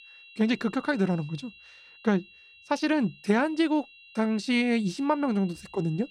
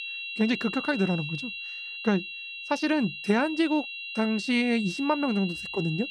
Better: first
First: high-pitched whine; faint; throughout; 3 kHz, 20 dB below the speech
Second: high-pitched whine; loud; throughout; 3 kHz, 7 dB below the speech

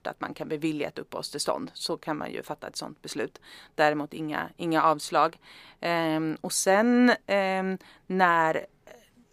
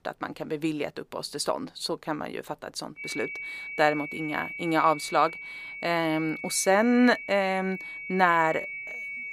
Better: first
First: none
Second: high-pitched whine; loud; from 3 s on; 2.5 kHz, 9 dB below the speech

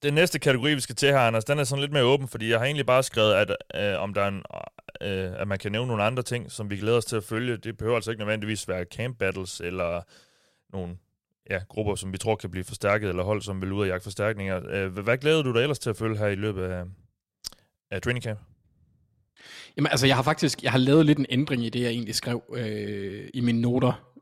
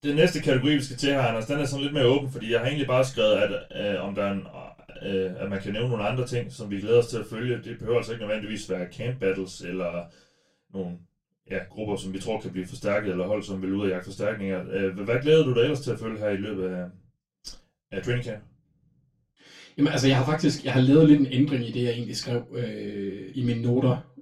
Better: first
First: none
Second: room echo; very slight; dies away in 0.2 s // off-mic speech; far

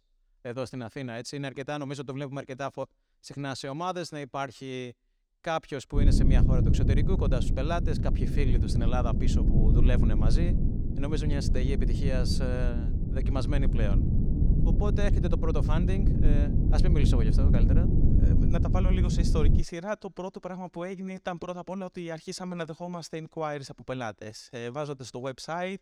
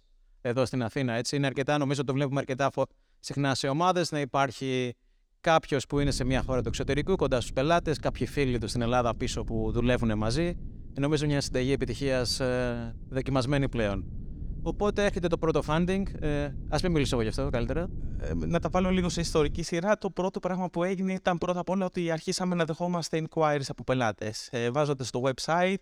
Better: second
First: low rumble; loud; from 6 to 20 s; 3 dB below the speech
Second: low rumble; faint; from 6 to 20 s; 25 dB below the speech

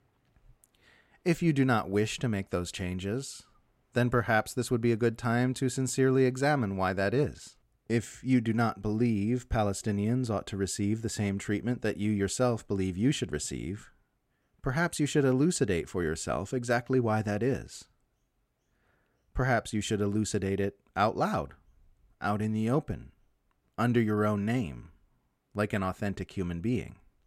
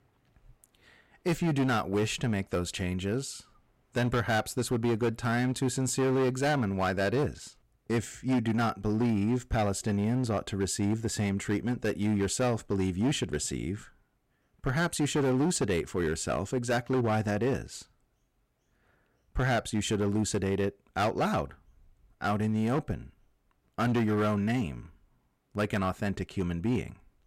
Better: first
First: none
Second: distortion; slight; 9% of the sound clipped

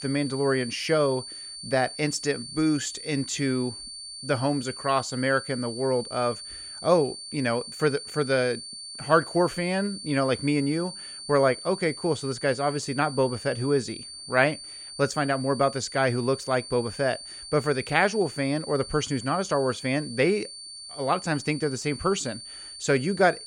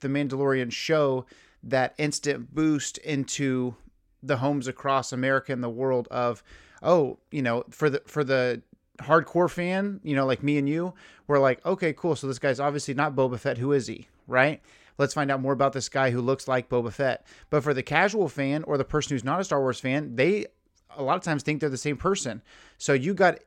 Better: second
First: high-pitched whine; noticeable; throughout; 4.5 kHz, 10 dB below the speech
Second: none

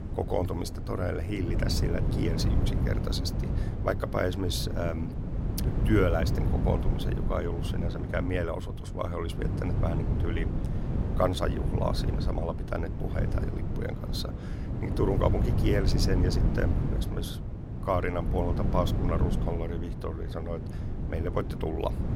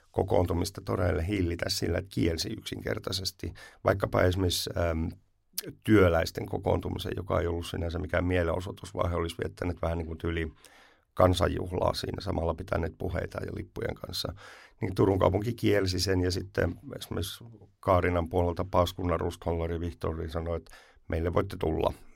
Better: second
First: wind noise on the microphone; heavy; 7 dB below the speech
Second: none

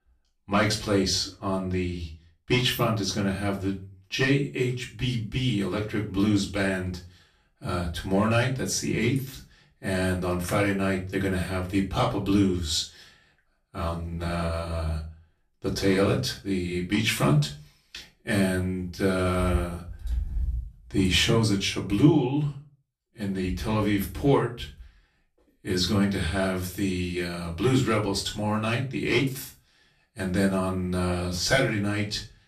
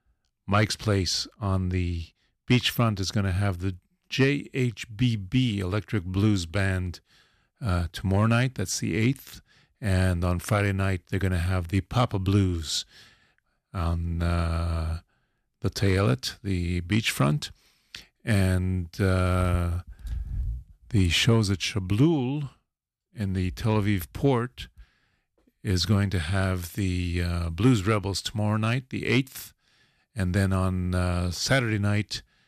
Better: second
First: room echo; slight; dies away in 0.3 s // off-mic speech; far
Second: none

